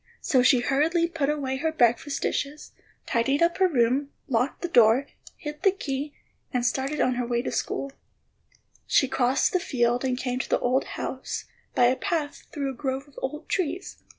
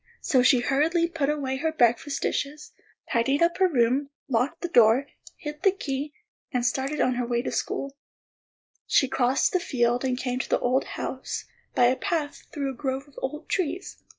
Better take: first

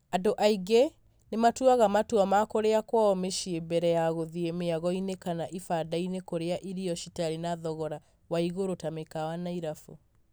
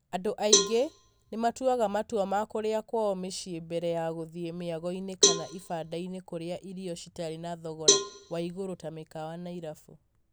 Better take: first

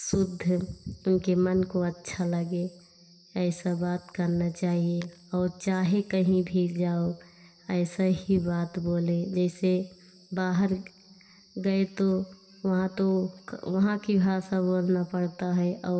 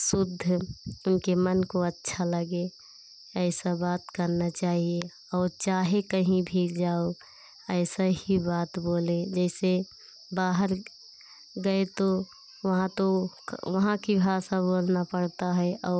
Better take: second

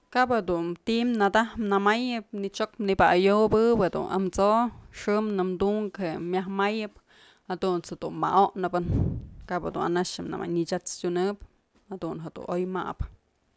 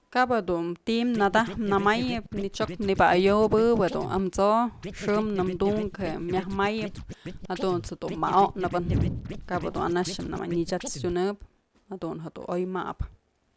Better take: first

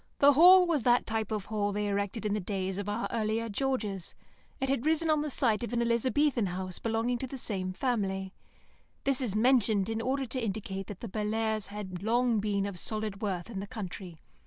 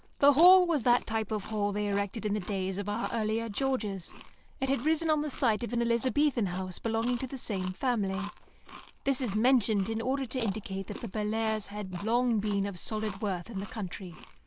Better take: first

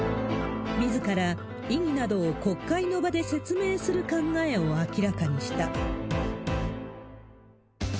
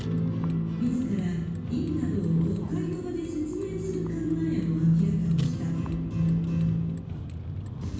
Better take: first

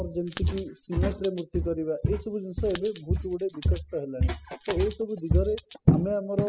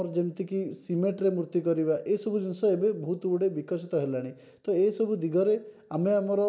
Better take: second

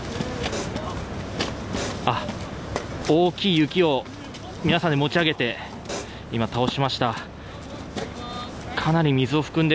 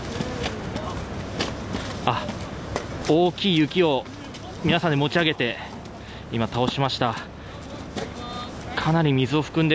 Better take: second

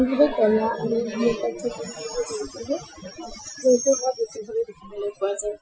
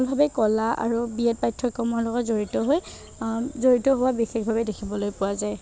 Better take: second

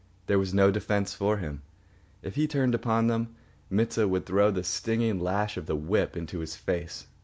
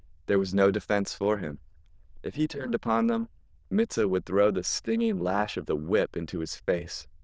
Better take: first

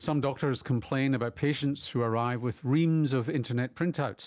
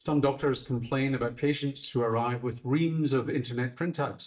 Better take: first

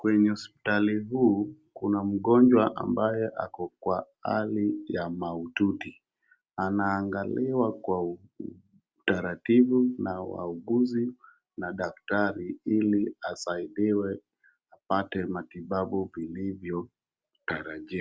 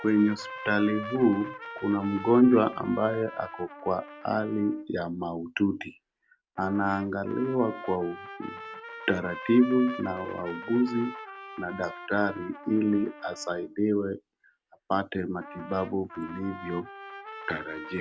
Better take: first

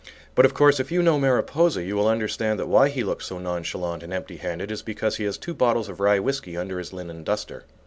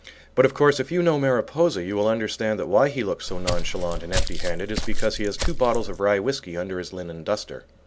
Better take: first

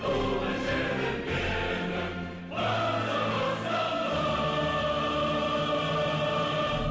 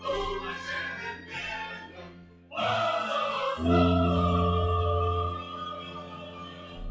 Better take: first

